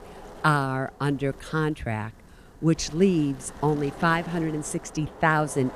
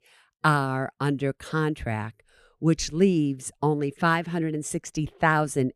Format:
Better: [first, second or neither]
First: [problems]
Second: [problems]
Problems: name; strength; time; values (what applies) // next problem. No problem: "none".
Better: second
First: wind noise on the microphone; occasional gusts; 15 dB below the speech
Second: none